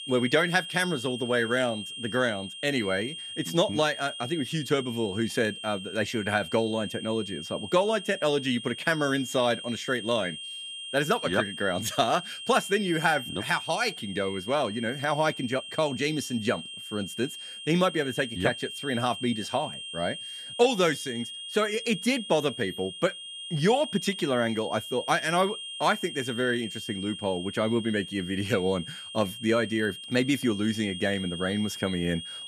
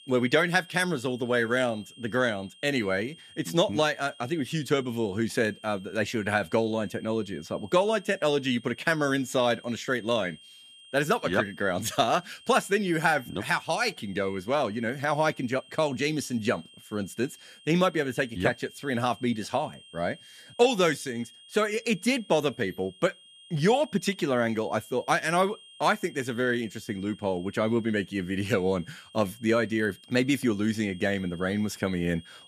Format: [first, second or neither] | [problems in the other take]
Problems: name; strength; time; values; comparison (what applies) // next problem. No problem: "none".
second | high-pitched whine; loud; throughout; 3 kHz, 9 dB below the speech; faint in the second